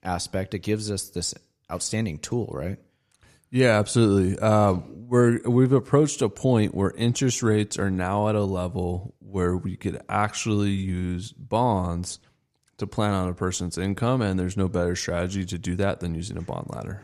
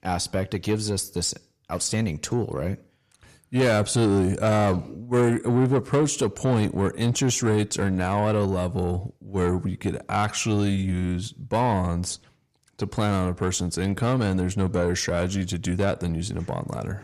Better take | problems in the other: first | distortion; slight; 10 dB below the speech

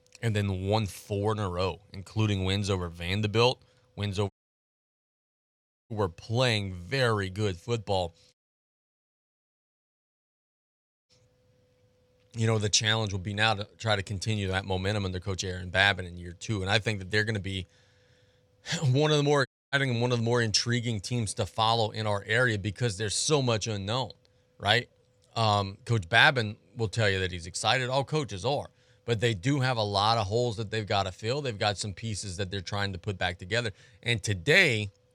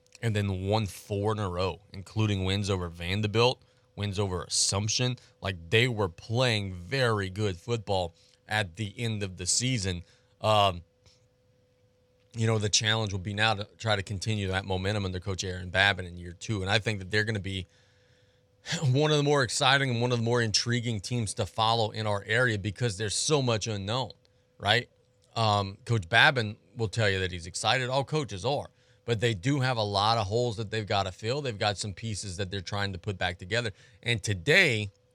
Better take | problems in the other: second | audio cutting out; at 4.5 s for 1.5 s, at 8.5 s for 3 s and at 19 s

